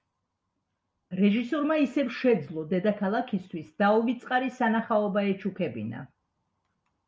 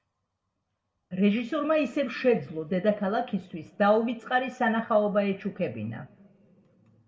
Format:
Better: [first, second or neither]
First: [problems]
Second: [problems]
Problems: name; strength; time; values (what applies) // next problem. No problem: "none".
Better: first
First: none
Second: room echo; dies away in 1.3 s